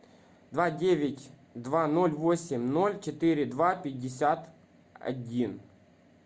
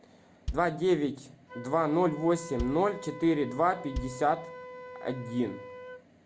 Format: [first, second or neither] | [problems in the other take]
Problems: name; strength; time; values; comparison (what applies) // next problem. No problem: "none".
first | background sound (Bass drum + Wind instrument, woodwind instrument); 12 dB below the speech